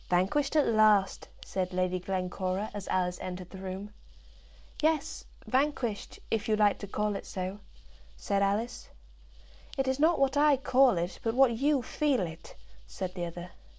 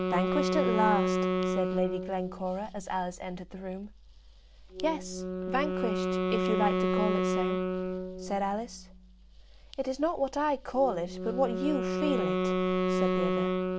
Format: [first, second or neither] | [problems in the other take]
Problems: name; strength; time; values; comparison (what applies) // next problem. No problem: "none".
first | background sound (Wind instrument, woodwind instrument); 2 dB above the speech